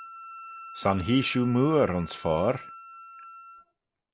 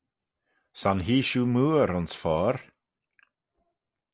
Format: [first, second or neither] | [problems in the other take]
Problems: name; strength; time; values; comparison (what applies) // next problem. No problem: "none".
second | background sound (Wind instrument, woodwind instrument); 16 dB below the speech